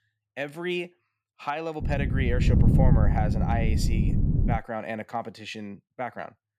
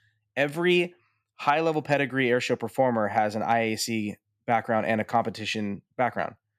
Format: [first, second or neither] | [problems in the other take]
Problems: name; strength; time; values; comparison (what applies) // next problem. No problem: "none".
second | wind noise on the microphone; heavy; from 2 to 4.5 s; 3 dB below the speech